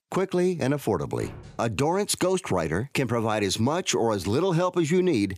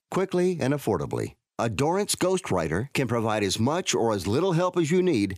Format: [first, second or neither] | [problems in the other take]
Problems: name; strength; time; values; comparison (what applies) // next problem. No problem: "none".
second | door banging; faint; at 1 s; peak 20 dB below the speech